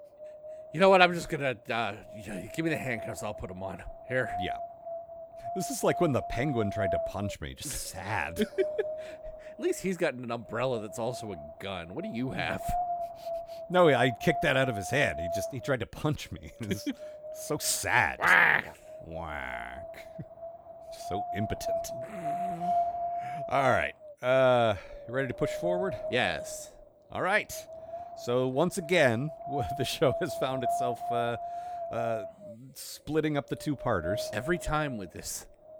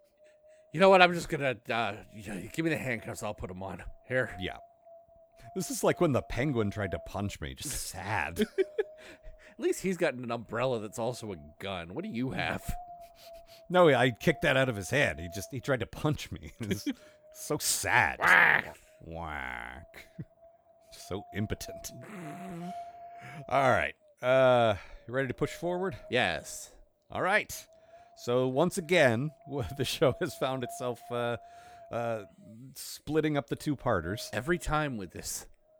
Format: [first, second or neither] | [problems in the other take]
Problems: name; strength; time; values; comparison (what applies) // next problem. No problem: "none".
second | wind noise on the microphone; heavy; 7 dB below the speech; occasional gusts in the second